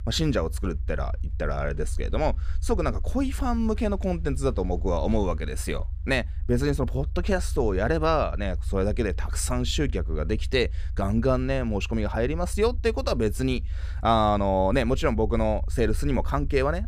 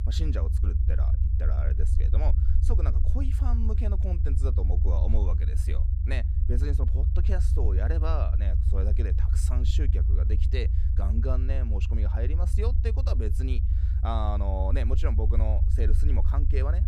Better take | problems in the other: first | low rumble; loud; throughout; 5 dB below the speech; faint in the first

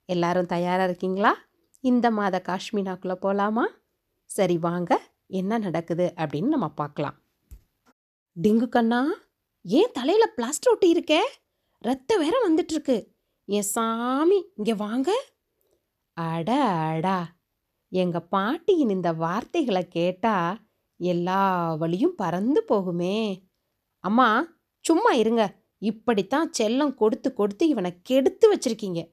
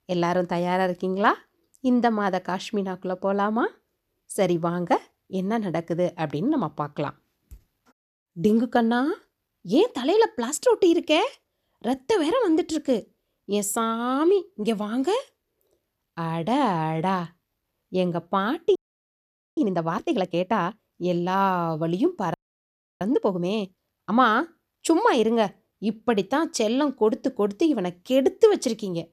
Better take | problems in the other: first | audio freezing; at 19 s for 1 s and at 22 s for 0.5 s

